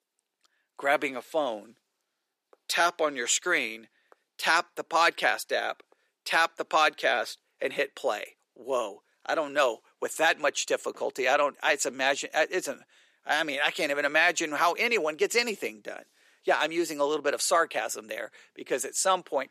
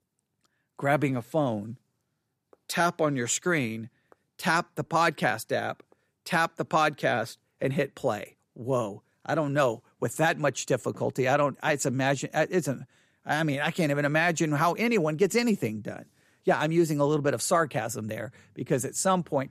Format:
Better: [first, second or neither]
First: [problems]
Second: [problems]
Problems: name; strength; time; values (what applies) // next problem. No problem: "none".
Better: second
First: thin; somewhat; fading below 400 Hz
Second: none